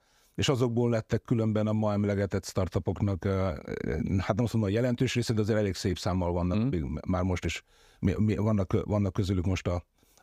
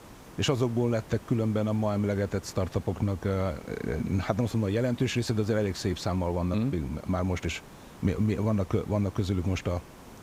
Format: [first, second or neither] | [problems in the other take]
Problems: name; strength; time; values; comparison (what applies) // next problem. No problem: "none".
first | hiss; noticeable; throughout; 20 dB below the speech